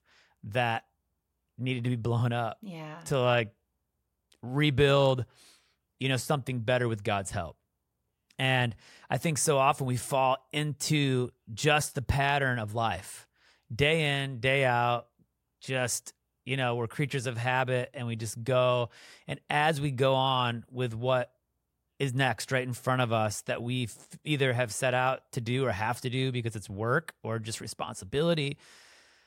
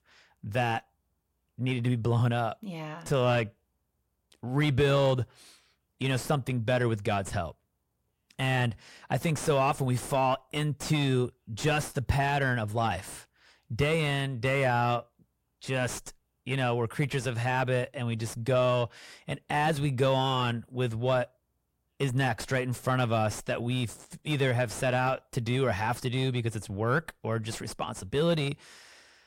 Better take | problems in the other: first | distortion; slight; 9 dB below the speech

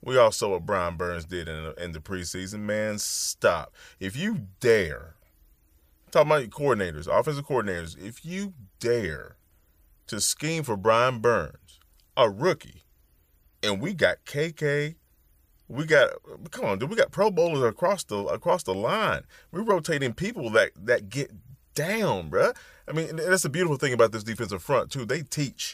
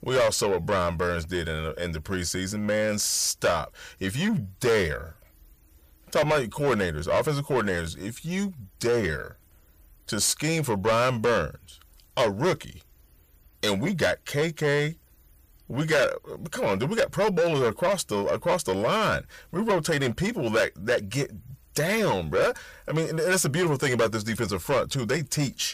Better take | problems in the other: first | distortion; heavy; 7 dB below the speech

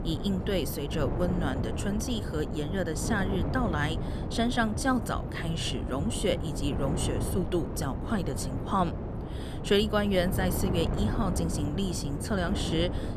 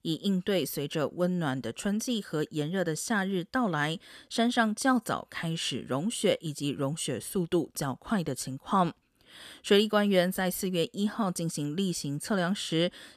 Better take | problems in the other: second | wind noise on the microphone; heavy; 7 dB below the speech

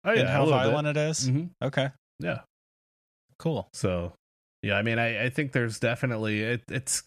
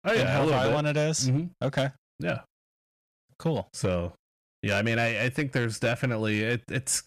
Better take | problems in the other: first | distortion; slight; 6% of the sound clipped

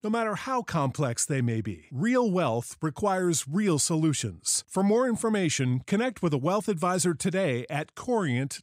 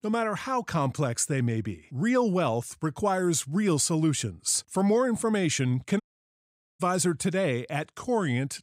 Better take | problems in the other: first | audio cutting out; at 6 s for 1 s

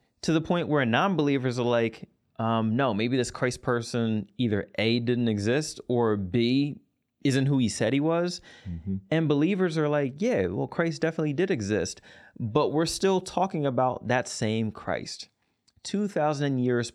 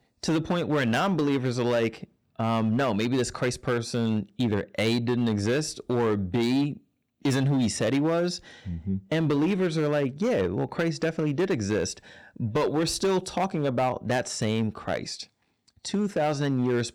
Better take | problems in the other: first | distortion; slight; 10% of the sound clipped

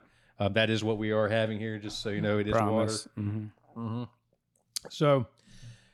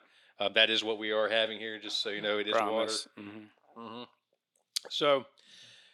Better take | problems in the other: first | thin; somewhat; fading below 400 Hz

